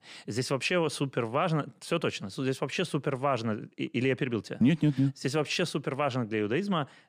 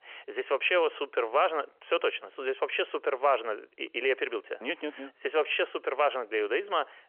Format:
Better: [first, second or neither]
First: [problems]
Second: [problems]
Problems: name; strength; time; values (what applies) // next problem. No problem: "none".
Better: first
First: none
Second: phone-call audio; nothing above 3 kHz